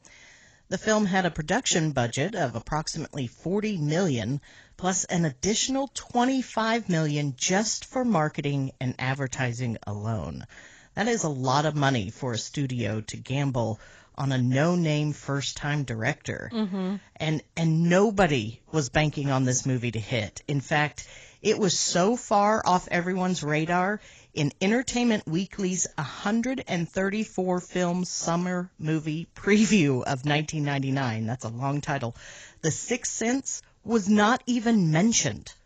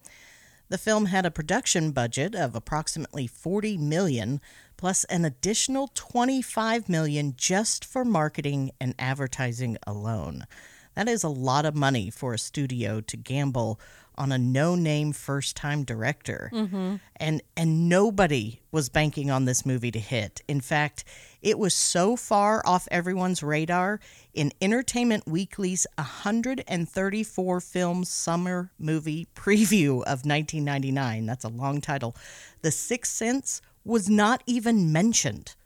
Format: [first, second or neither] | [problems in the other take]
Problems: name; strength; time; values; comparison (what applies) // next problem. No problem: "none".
second | garbled, watery; badly; nothing above 7.5 kHz